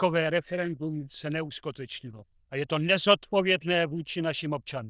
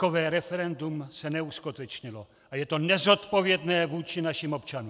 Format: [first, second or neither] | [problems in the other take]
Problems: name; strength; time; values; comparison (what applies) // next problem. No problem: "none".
second | noise reduction (neural diffusion model UNIVERSE++)